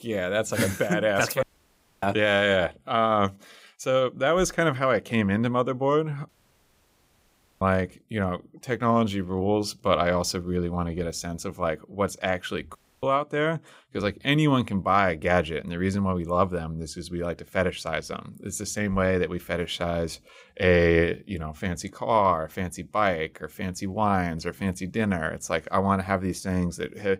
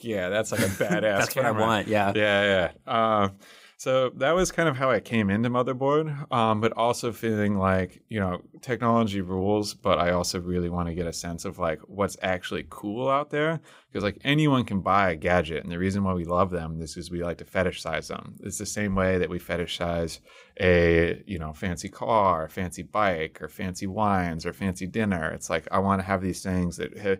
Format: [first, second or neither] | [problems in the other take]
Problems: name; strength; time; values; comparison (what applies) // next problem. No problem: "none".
second | audio cutting out; at 1.5 s for 0.5 s, at 6.5 s for 1.5 s and at 13 s